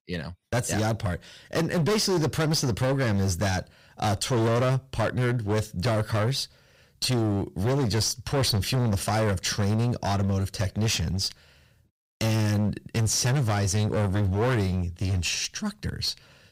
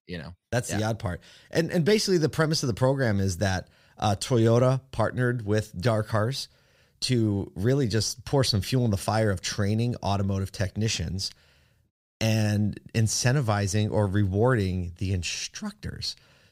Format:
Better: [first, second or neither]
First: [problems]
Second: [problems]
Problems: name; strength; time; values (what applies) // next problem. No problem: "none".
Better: second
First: distortion; heavy; 19% of the sound clipped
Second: none